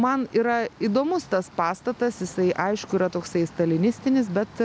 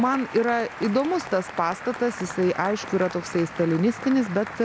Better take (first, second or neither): first